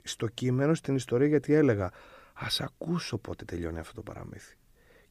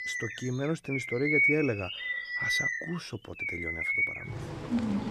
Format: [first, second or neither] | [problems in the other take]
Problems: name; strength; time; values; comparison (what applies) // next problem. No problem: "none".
first | animal sounds; very loud; throughout; 4 dB above the speech